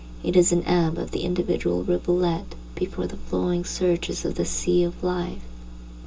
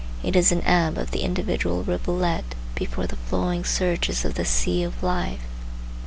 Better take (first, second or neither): second